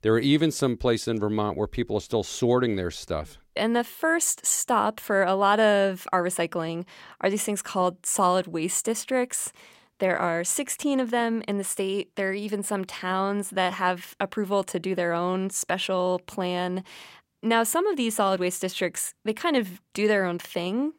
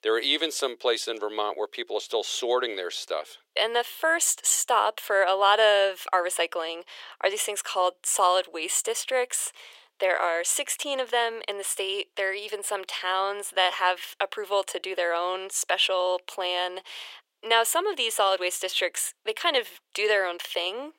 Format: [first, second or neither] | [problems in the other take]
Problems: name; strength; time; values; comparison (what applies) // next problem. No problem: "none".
first | thin; very; fading below 400 Hz